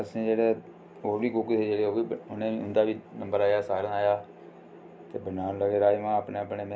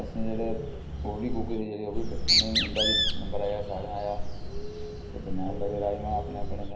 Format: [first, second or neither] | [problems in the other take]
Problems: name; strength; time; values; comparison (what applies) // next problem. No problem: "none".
first | background sound (Bird); 4 dB above the speech // room echo; dies away in 0.9 s